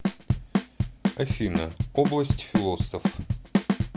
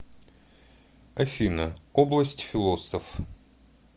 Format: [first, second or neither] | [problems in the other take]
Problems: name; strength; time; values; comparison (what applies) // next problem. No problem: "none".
second | background sound (Bass drum / Snare drum / Drum kit); 3 dB above the speech